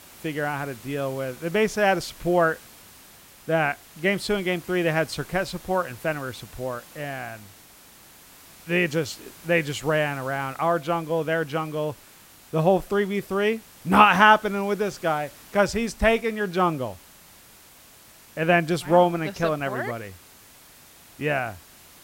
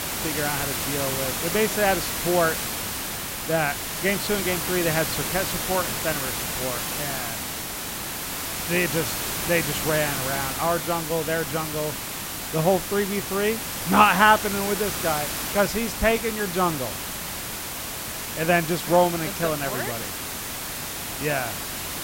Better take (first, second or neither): first